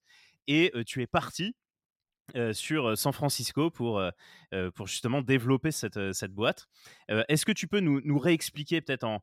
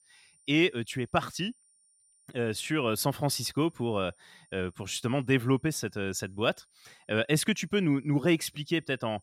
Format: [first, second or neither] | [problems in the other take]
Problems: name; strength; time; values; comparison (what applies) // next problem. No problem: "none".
first | high-pitched whine; faint; throughout; 9 kHz, 35 dB below the speech